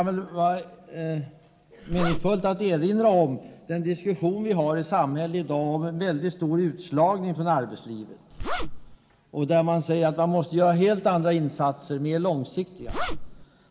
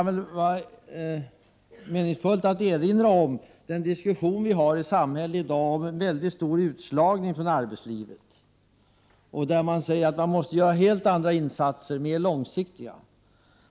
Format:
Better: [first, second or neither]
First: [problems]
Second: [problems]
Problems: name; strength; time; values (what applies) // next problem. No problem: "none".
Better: second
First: background sound (Zipper (clothing)); 3 dB below the speech // room echo; dies away in 1.8 s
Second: none